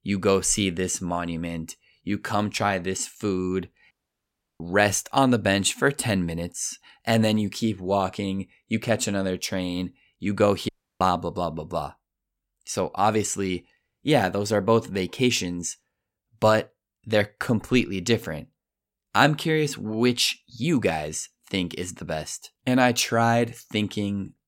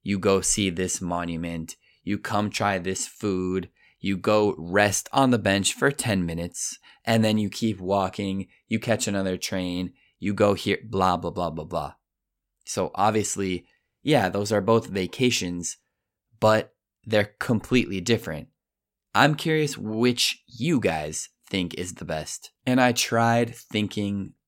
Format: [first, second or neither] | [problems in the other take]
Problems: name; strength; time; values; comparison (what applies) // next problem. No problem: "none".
second | audio cutting out; at 4 s for 0.5 s and at 11 s